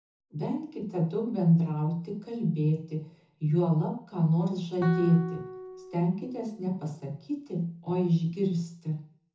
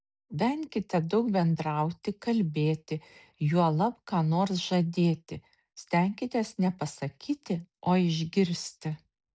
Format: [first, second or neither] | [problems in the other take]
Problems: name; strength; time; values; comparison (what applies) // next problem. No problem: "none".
second | background sound (Guitar); 13 dB below the speech // room echo; dies away in 0.5 s